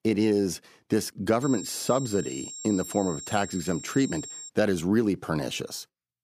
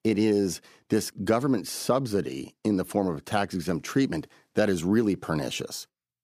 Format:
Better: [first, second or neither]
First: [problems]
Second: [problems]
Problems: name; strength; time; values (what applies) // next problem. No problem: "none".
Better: second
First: high-pitched whine; noticeable; from 1.5 to 4.5 s; 7.5 kHz, 10 dB below the speech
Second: none